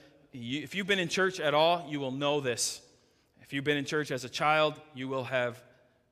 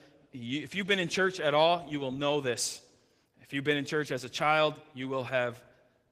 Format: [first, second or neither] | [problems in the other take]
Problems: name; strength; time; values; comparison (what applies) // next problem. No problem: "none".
first | garbled, watery; slightly; nothing above 15 kHz